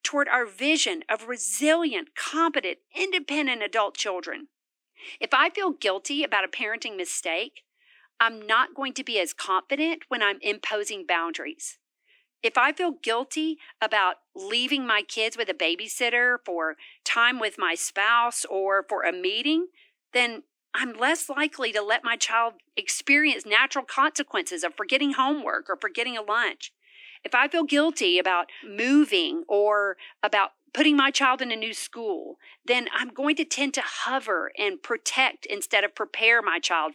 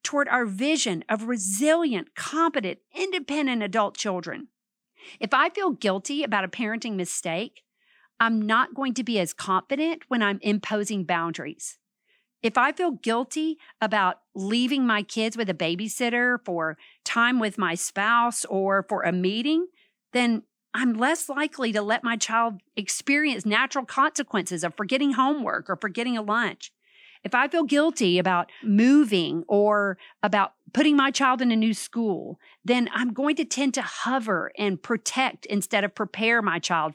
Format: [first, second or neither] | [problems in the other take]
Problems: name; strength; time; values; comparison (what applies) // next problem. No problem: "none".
second | thin; very slightly; fading below 300 Hz